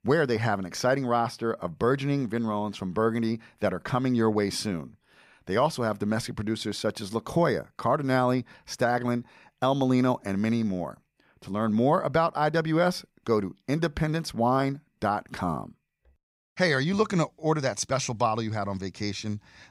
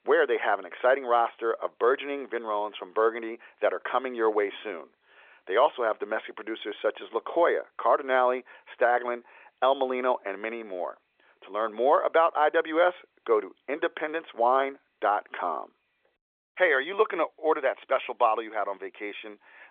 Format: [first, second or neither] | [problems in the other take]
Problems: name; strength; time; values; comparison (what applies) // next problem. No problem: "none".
first | phone-call audio; nothing above 3.5 kHz